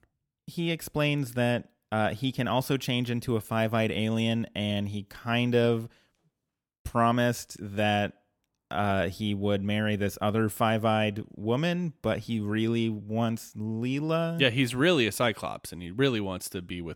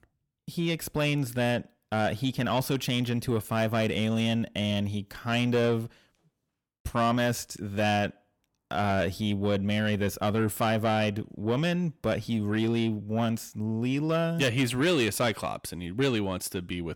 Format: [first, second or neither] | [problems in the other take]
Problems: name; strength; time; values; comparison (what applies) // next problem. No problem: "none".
first | distortion; slight; 10 dB below the speech